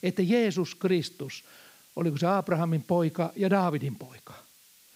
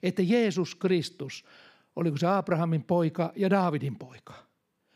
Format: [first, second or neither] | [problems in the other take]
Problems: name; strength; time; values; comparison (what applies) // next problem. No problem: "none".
second | hiss; faint; throughout; 25 dB below the speech